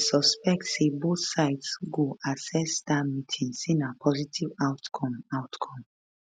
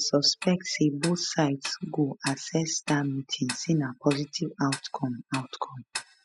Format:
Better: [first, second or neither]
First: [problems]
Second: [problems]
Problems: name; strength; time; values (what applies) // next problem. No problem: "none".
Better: first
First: none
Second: noise reduction (classical method spectral subtraction)